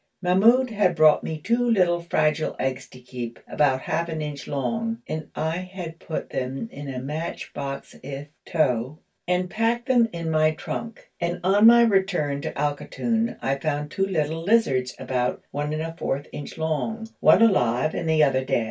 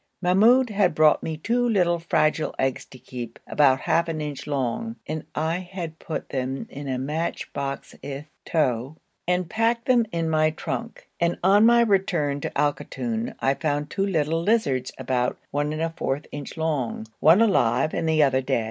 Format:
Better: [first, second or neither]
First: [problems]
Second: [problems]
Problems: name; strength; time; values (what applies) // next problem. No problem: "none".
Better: second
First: room echo; dies away in 0.2 s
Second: none